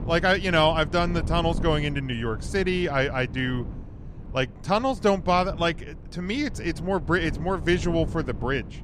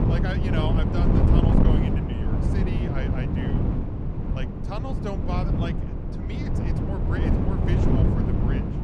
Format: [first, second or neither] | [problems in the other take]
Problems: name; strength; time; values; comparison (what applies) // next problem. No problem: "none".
first | wind noise on the microphone; heavy; 4 dB above the speech; occasional gusts in the first